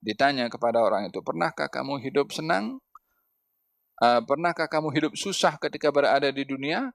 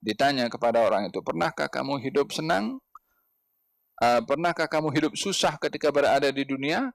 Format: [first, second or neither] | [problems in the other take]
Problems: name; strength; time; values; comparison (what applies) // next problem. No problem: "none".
first | distortion; slight; 5% of the sound clipped